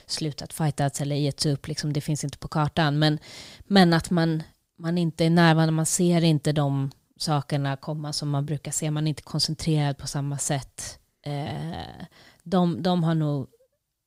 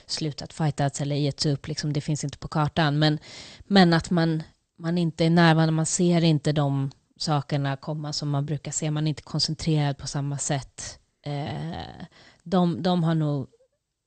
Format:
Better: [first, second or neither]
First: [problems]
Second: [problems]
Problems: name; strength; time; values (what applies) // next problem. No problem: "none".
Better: first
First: none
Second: garbled, watery; slightly; nothing above 8.5 kHz